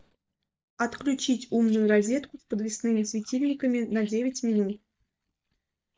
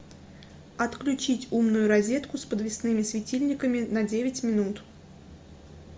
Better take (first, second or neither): second